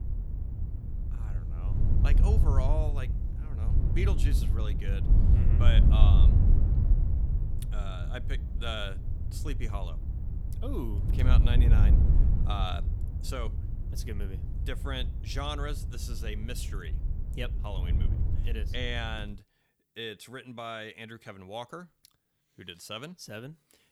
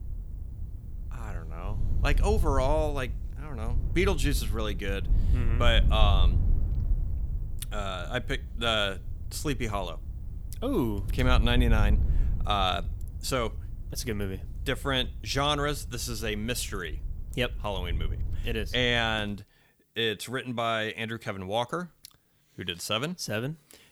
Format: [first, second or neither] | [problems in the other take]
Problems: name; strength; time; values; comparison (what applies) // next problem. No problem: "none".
second | wind noise on the microphone; heavy; until 19 s; 6 dB below the speech; occasional gusts in the second